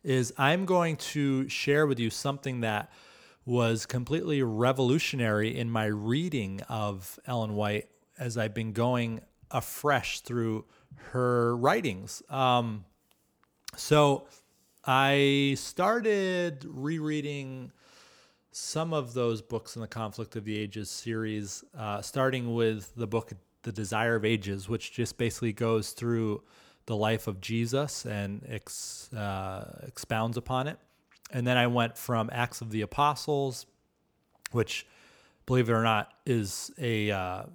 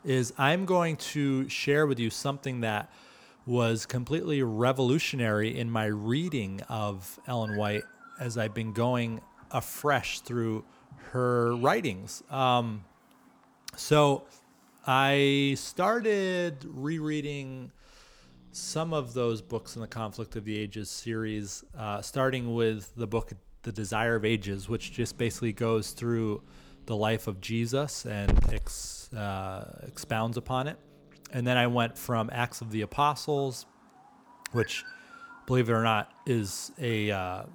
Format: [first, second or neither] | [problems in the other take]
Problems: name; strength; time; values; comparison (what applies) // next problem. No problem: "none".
first | animal sounds; noticeable; throughout; 15 dB below the speech